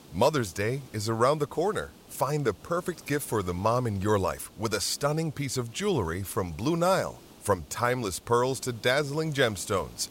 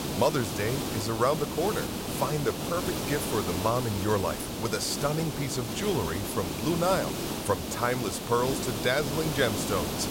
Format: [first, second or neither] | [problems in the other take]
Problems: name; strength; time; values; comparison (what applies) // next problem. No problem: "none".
first | hiss; loud; throughout; 3 dB below the speech; faint in the first